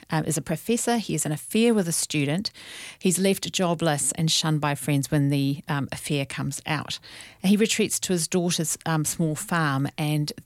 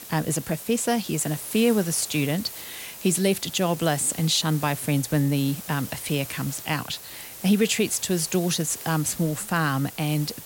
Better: first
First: none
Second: hiss; noticeable; throughout; 10 dB below the speech

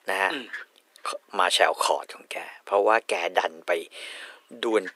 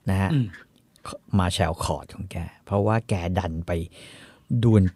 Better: second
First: thin; very; fading below 400 Hz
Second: none

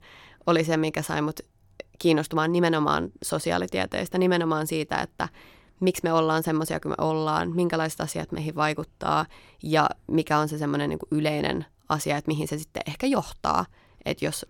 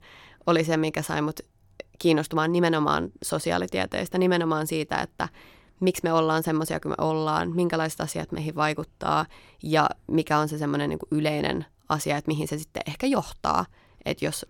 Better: neither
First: none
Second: none

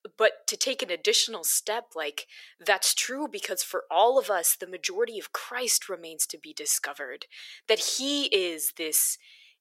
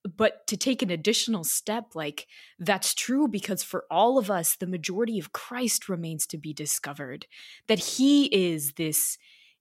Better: second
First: thin; very; fading below 450 Hz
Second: none

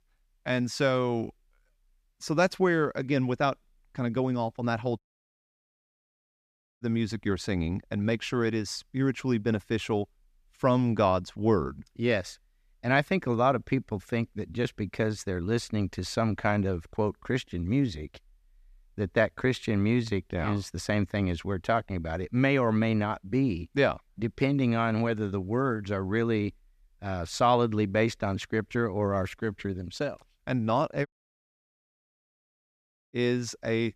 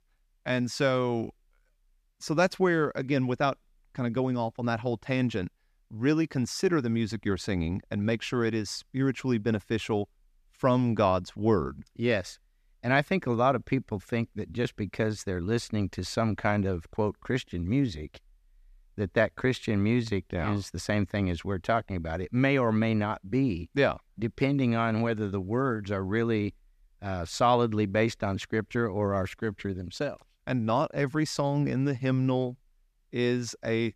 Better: second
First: audio cutting out; at 5 s for 2 s and at 31 s for 2 s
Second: none

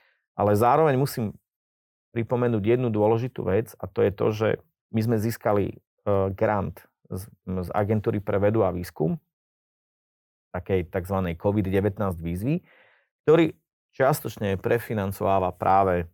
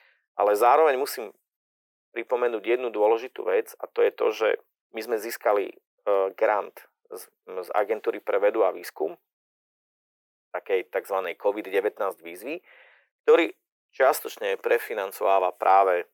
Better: first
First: none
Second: thin; very; fading below 400 Hz

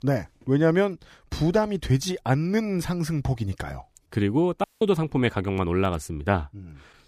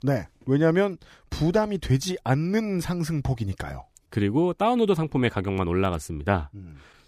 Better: second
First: audio cutting out; at 4.5 s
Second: none

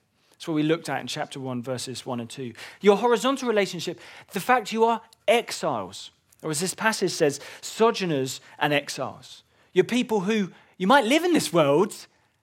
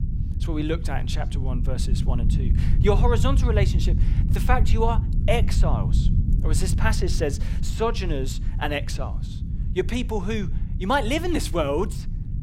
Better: first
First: none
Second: low rumble; noticeable; throughout; 10 dB below the speech

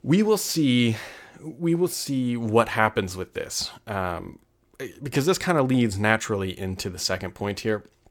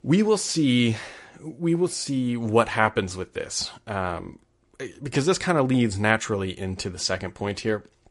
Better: first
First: none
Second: garbled, watery; slightly; nothing above 11 kHz

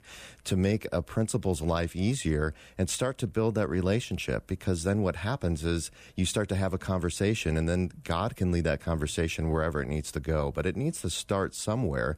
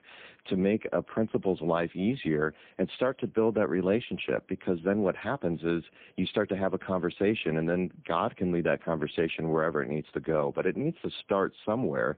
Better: first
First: none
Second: phone-call audio; poor line; nothing above 3.5 kHz

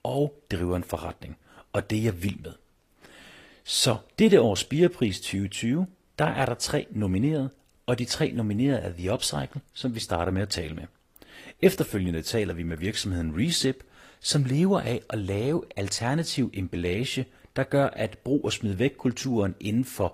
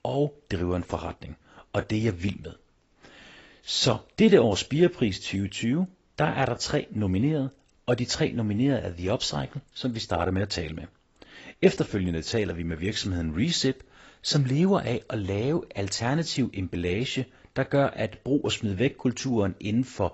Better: first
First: garbled, watery; slightly; nothing above 14.5 kHz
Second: garbled, watery; badly; nothing above 7.5 kHz

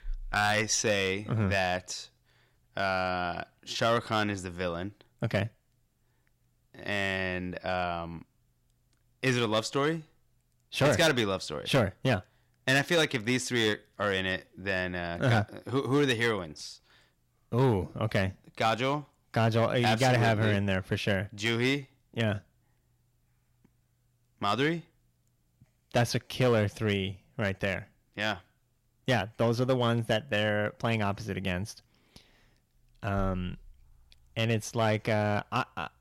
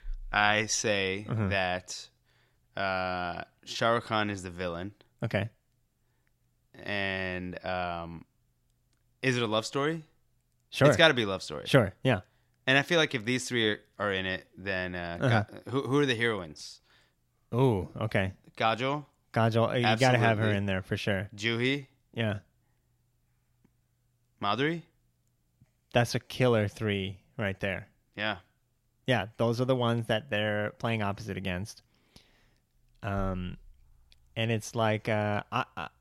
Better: second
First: distortion; slight; 3% of the sound clipped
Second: none

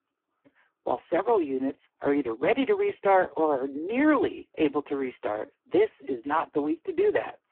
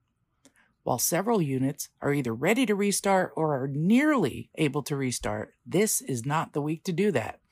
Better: second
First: phone-call audio; poor line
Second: none

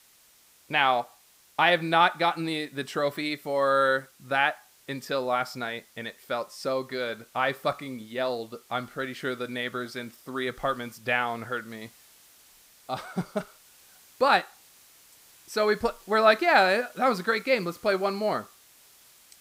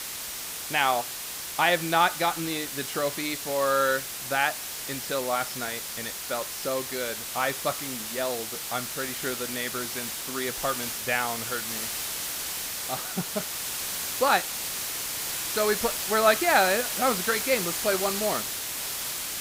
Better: first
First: hiss; faint; throughout; 25 dB below the speech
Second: hiss; loud; throughout; 3 dB below the speech

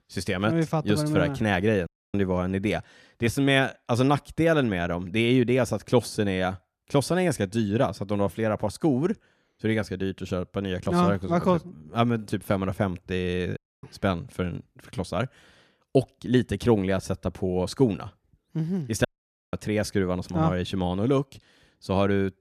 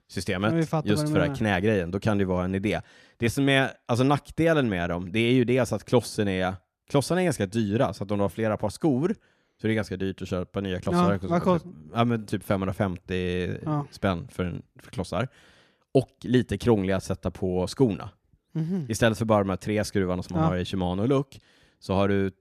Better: second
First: audio cutting out; at 2 s, at 14 s and at 19 s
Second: none

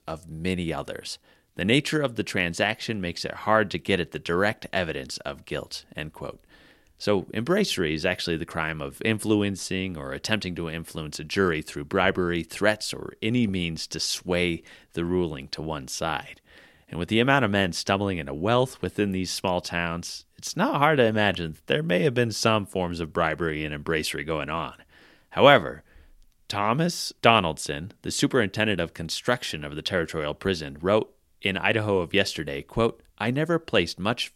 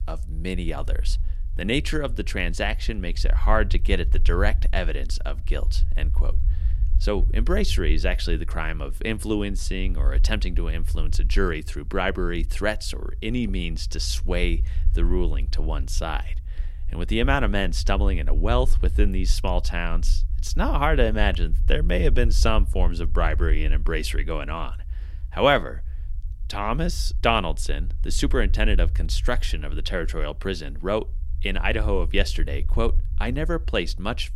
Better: first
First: none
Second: low rumble; faint; throughout; 20 dB below the speech

